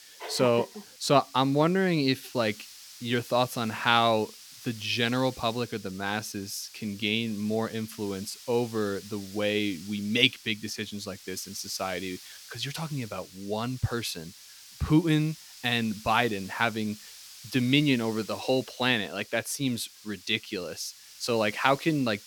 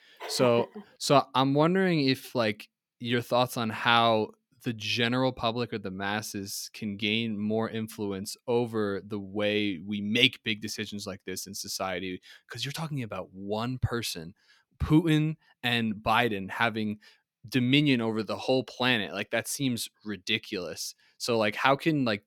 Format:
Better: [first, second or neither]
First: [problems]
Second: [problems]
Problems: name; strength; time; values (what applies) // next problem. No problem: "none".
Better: second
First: hiss; noticeable; throughout; 20 dB below the speech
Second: none